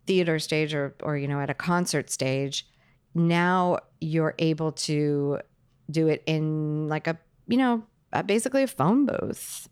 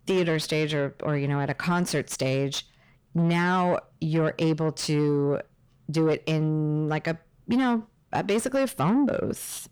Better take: first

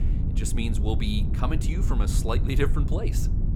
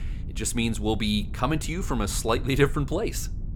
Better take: second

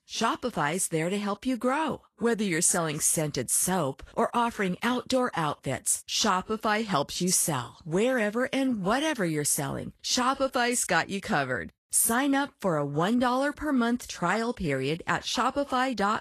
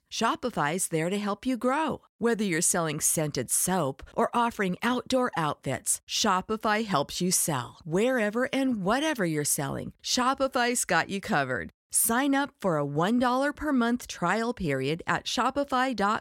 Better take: second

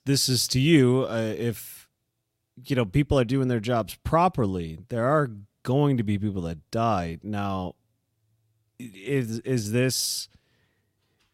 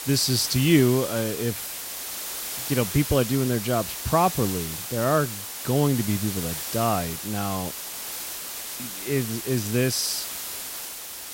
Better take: first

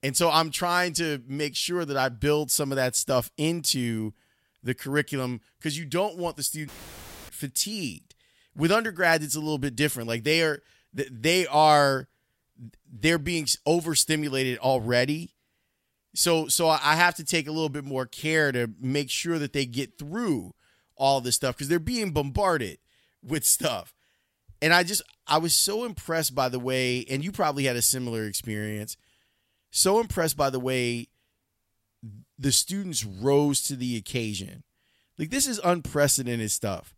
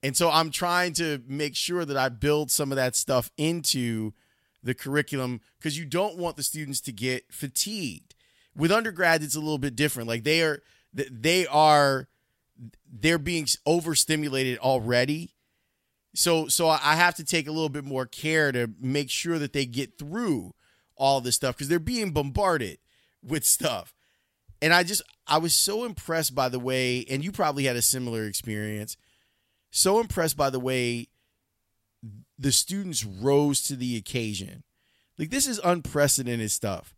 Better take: second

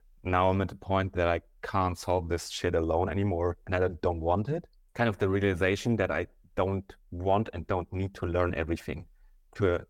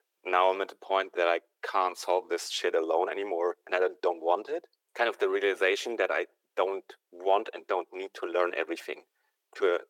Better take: first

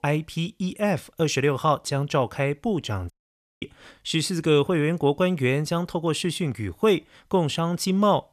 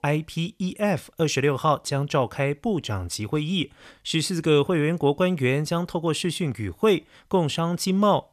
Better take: second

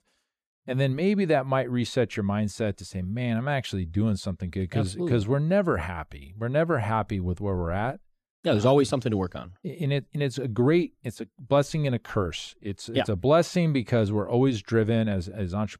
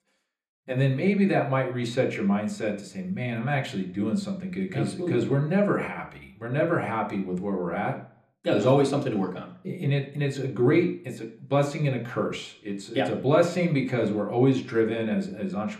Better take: first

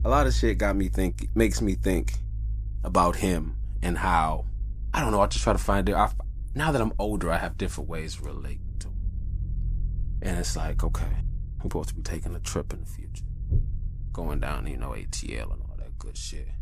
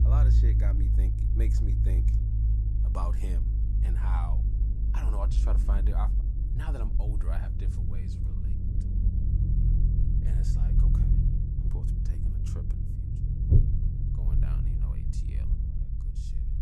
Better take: first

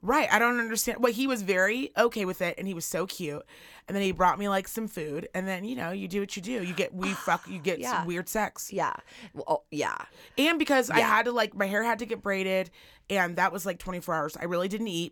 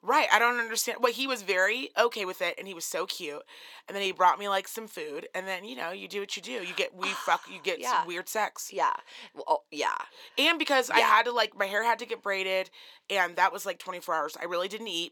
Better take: first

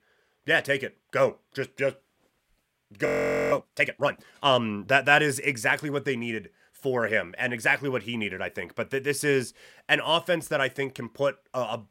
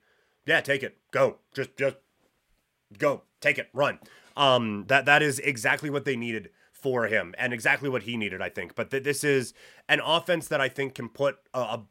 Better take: second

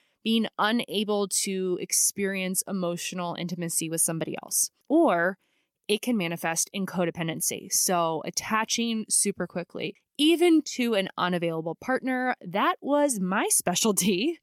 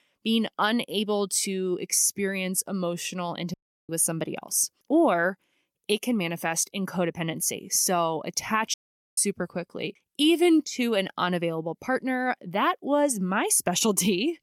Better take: first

